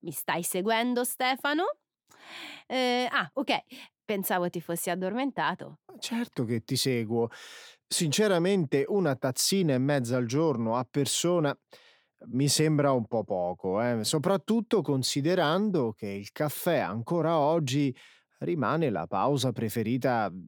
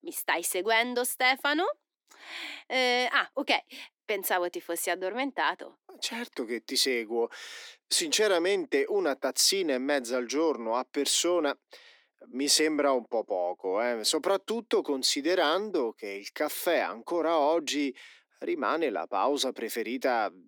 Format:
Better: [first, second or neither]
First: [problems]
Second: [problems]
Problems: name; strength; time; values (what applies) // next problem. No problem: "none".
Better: first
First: none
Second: thin; somewhat; fading below 300 Hz